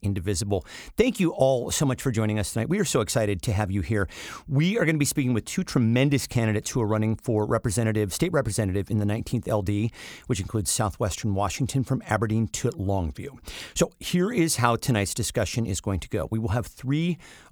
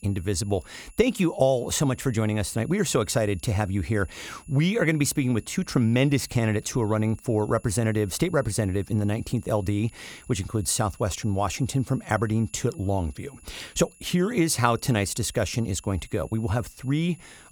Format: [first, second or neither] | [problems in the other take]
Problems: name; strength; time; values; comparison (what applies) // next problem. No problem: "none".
first | high-pitched whine; faint; throughout; 11 kHz, 25 dB below the speech